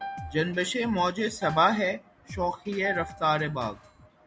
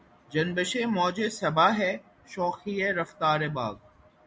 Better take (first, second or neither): second